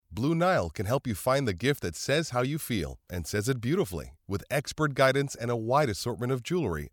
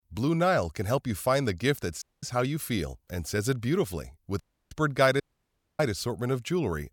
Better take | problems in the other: first | audio cutting out; at 2 s, at 4.5 s and at 5 s for 0.5 s

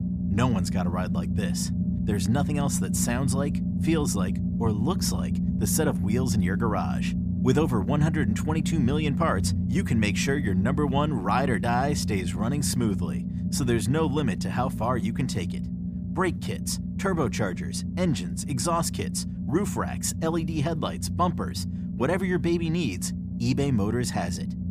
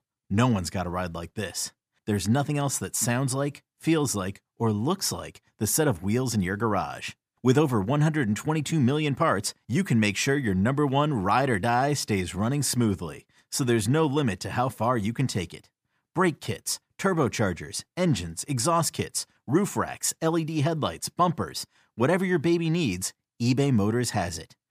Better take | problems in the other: second | low rumble; loud; throughout; 8 dB below the speech

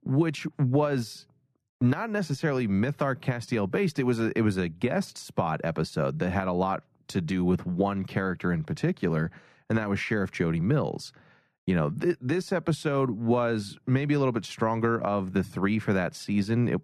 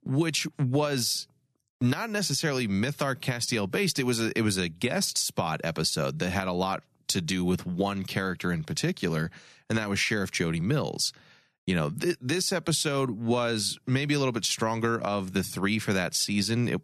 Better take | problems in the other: second | muffled; very; fading above 2.5 kHz

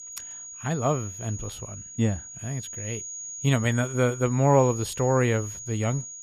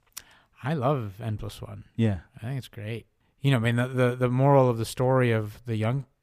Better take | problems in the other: second | high-pitched whine; noticeable; throughout; 6.5 kHz, 10 dB below the speech

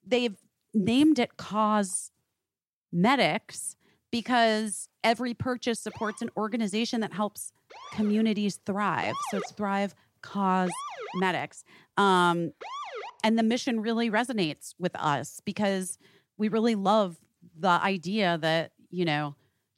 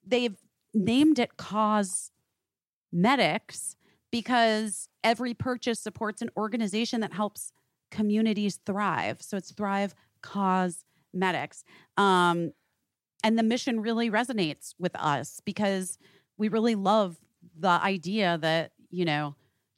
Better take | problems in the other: second | siren; noticeable; from 6 to 13 s; peak 6 dB below the speech

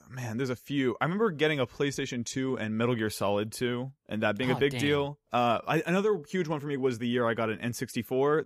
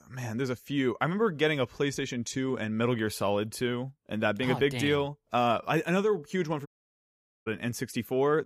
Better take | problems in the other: first | audio cutting out; at 6.5 s for 1 s

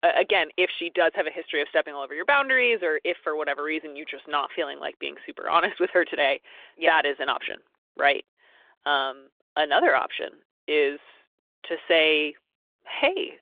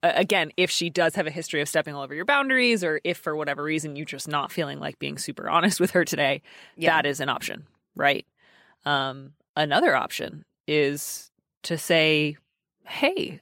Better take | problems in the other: second | phone-call audio; nothing above 3.5 kHz

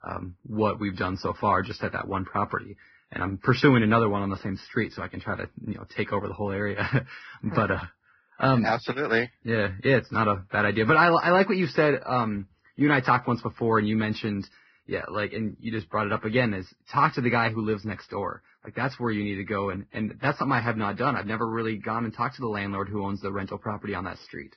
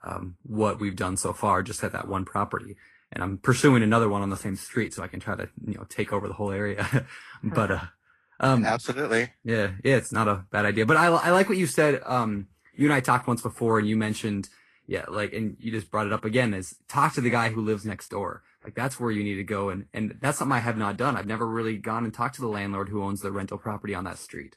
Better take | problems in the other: second | garbled, watery; badly; nothing above 5.5 kHz; slightly in the second

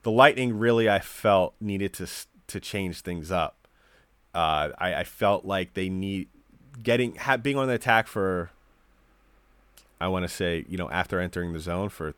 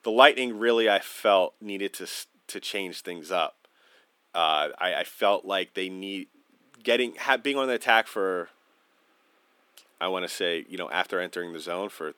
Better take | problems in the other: first | thin; somewhat; fading below 250 Hz

